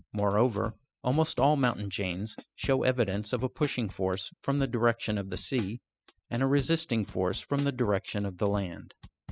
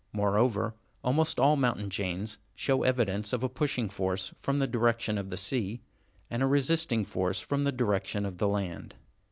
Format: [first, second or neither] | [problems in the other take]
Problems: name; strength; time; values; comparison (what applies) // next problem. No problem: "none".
second | noise reduction (classical method spectral subtraction)